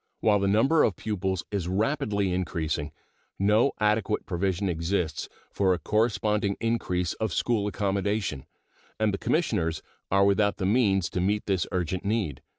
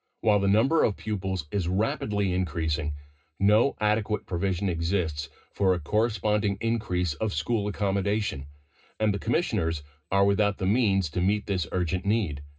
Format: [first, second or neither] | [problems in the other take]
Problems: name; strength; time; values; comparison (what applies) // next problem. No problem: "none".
first | room echo; dies away in 0.2 s